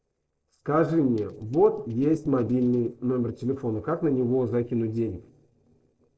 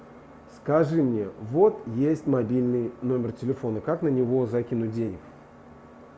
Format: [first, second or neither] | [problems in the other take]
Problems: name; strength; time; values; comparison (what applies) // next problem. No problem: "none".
second | noise reduction (neural separator model SepFormer DNS4)